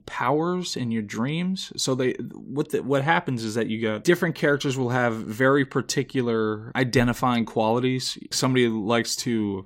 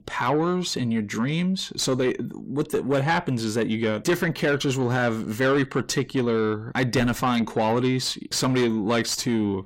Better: first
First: none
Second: distortion; slight; 10 dB below the speech

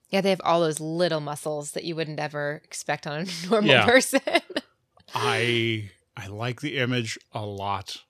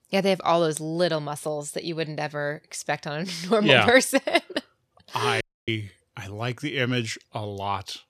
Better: first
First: none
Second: audio cutting out; at 5.5 s

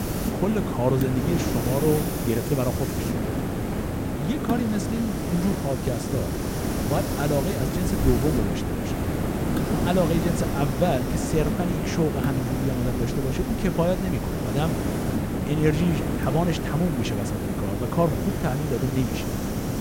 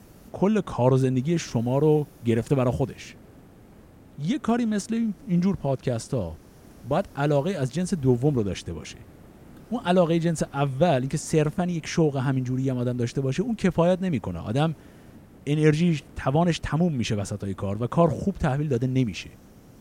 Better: second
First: hiss; loud; throughout; as loud as the speech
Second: hiss; faint; throughout; 25 dB below the speech

